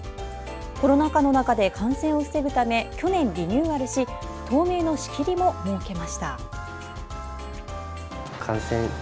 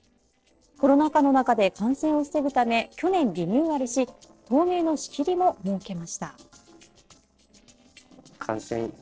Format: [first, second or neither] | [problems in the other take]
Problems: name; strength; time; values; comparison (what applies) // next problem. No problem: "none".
first | noise reduction (neural separator model SepFormer DNS4)